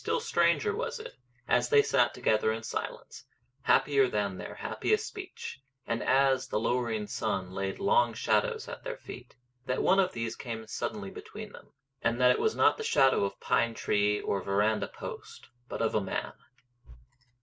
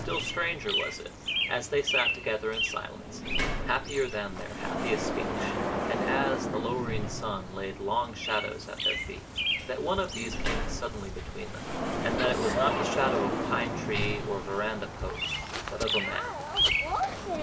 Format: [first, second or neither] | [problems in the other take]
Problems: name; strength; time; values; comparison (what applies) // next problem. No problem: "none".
first | background sound (Sliding door + Bird vocalization, bird call, bird song); 2 dB above the speech